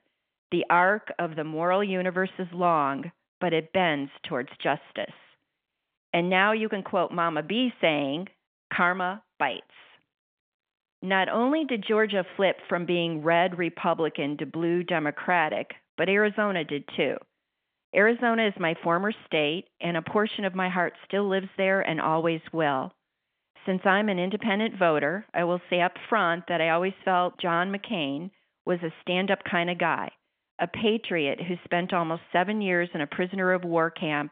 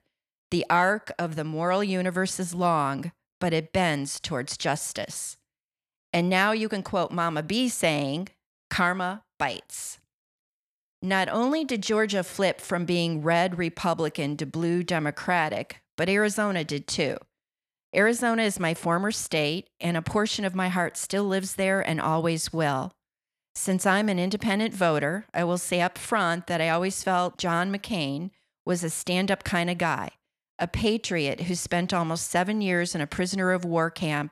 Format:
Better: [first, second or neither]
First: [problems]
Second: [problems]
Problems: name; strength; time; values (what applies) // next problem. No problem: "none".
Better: second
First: phone-call audio; nothing above 3.5 kHz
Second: none